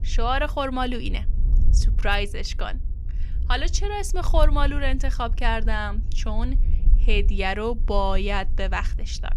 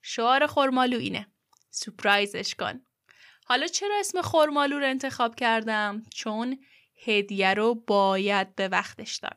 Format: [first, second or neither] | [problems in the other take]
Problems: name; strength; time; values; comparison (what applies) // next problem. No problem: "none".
second | low rumble; faint; throughout; 20 dB below the speech